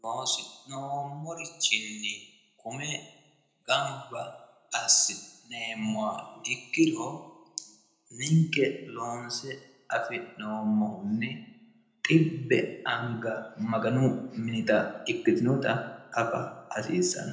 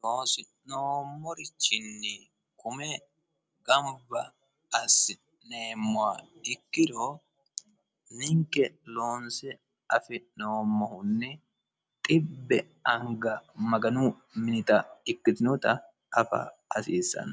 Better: second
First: room echo; dies away in 0.6 s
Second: none

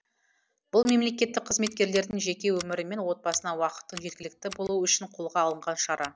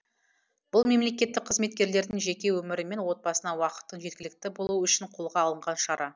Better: second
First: background sound (Scissors); 18 dB below the speech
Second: none

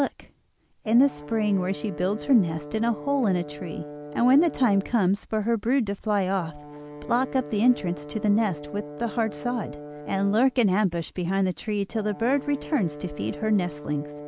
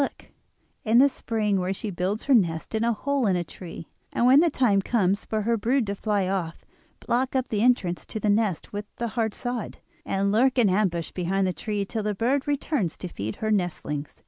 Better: second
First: background sound (Brass instrument); 14 dB below the speech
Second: none

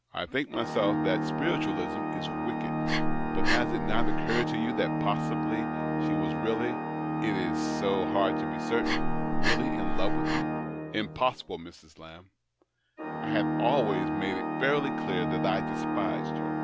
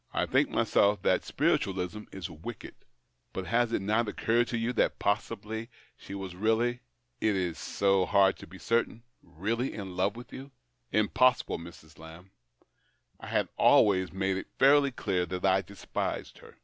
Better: second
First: background sound (Organ + Breathing); 4 dB above the speech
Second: none

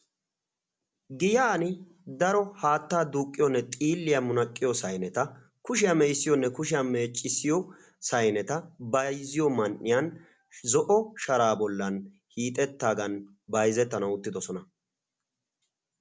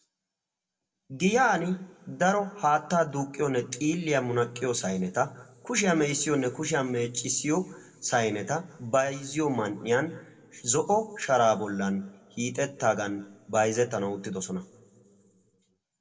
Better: first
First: none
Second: room echo; dies away in 1.4 s

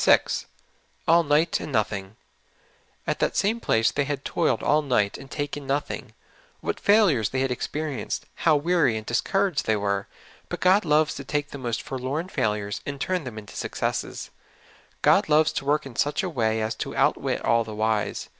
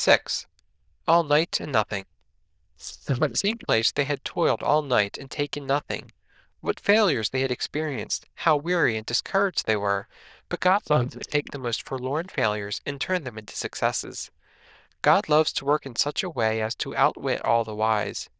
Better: first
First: none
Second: noise reduction (neural diffusion model UNIVERSE++)

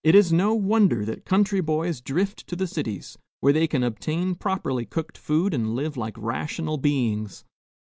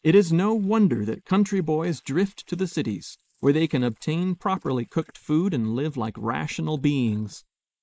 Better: first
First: none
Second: noise reduction (neural mask model Resemble Enhance denoiser)

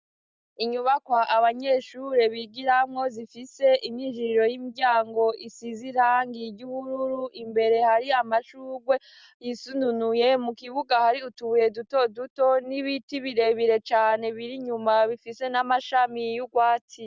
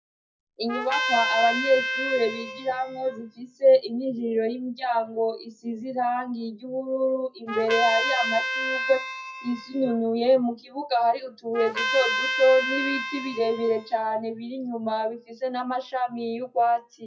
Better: first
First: none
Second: noise reduction (classical method WPE with log-MMSE)

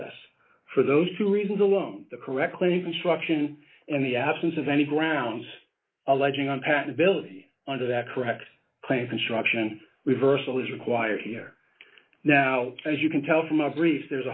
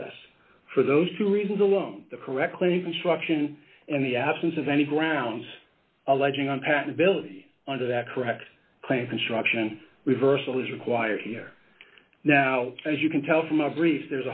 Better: second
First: noise reduction (neural mask model Resemble Enhance denoiser)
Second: none

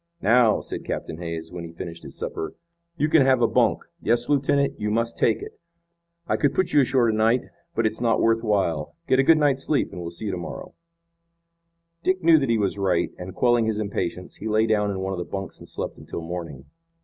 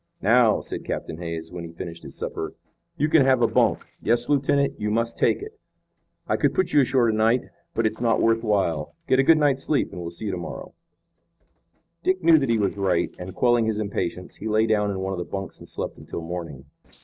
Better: first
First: none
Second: noise reduction (neural separator model SepFormer DNS4)

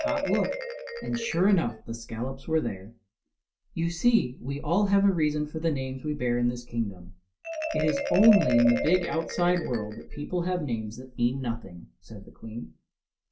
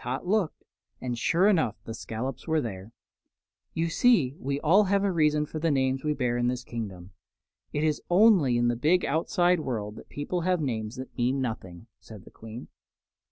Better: second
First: background sound (Marimba, xylophone); 9 dB below the speech // room echo; dies away in 0.2 s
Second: none

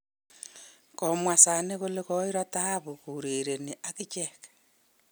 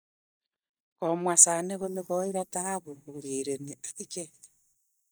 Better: first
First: none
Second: noise reduction (neural mask model DeepFilterNet 3)

